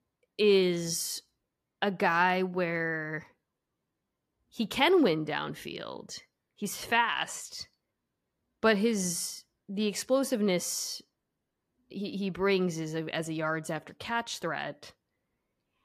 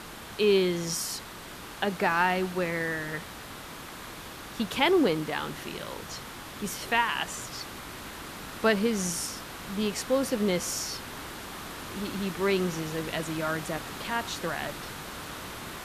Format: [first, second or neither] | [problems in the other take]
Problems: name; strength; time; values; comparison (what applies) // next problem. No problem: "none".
first | hiss; noticeable; throughout; 10 dB below the speech